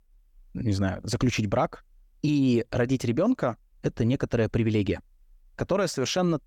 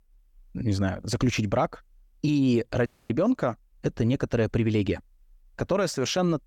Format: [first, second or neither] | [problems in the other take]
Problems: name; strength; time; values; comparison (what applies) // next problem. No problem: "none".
first | audio cutting out; at 3 s